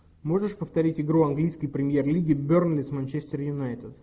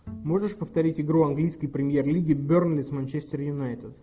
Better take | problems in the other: first | background sound (Bowed string instrument); 20 dB below the speech

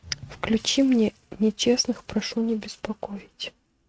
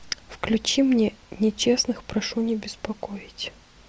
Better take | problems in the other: second | noise reduction (neural mask model RNNoise)

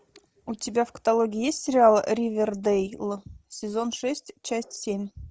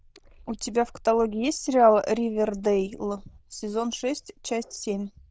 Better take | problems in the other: first | noise reduction (neural diffusion model UNIVERSE++)

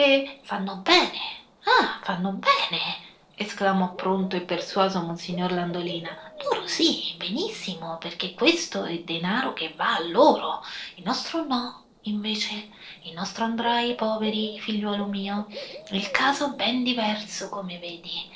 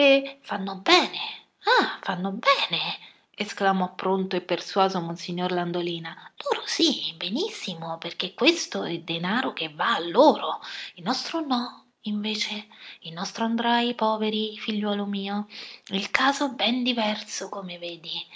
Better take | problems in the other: second | noise reduction (neural separator model SepFormer DNS4)

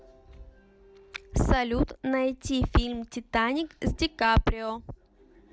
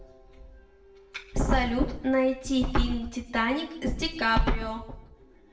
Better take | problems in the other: first | room echo; dies away in 0.6 s

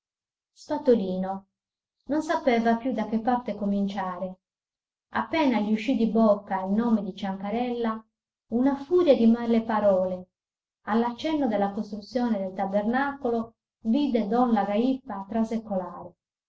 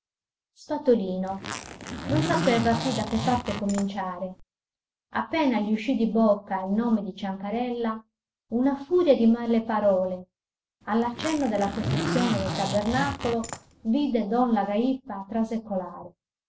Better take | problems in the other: first | background sound (Zipper (clothing)); 5 dB below the speech

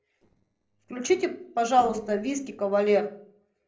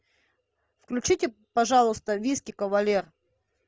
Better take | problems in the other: second | noise reduction (neural separator model SepFormer DNS4)

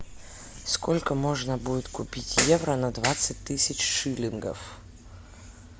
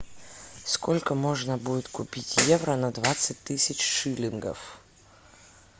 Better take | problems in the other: second | background sound (Engine starting / Motor vehicle (road)); 16 dB below the speech

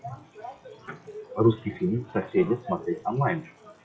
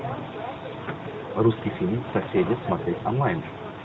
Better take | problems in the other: second | noise reduction (classical method log-MMSE)

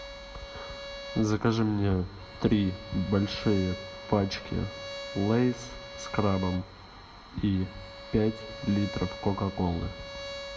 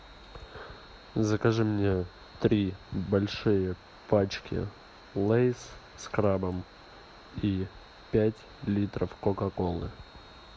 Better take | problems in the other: second | background sound (Bowed string instrument); 13 dB below the speech // room echo; dies away in 0.3 s

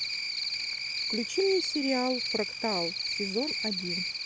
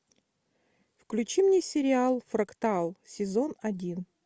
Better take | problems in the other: second | background sound (Cricket); as loud as the speech

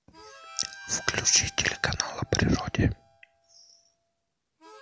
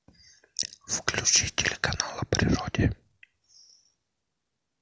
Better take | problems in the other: second | background sound (Harmonica); 20 dB below the speech

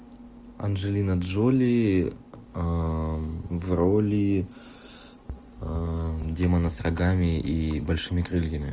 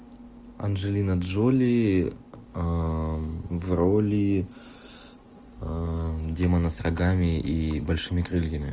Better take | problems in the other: second | background sound (Bass drum); 16 dB below the speech

